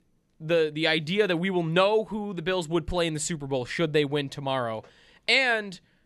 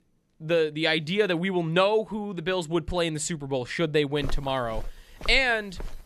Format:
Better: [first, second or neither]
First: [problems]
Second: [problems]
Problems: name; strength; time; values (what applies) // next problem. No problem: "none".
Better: first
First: none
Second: footsteps; faint; from 4 s on; peak 10 dB below the speech